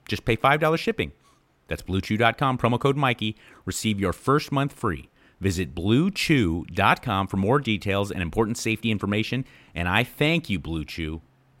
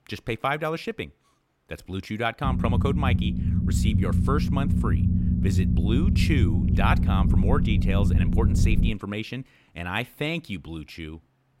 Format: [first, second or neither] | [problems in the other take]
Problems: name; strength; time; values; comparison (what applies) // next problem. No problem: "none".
first | low rumble; loud; from 2.5 to 9 s; 4 dB below the speech